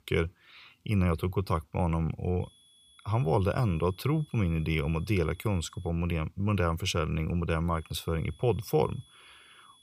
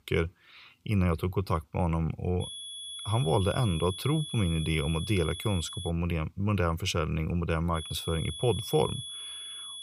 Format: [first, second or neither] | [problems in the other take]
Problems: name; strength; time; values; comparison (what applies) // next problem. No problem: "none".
first | high-pitched whine; loud; from 2.5 to 6 s and from 8 s on; 3.5 kHz, 9 dB below the speech; faint in the first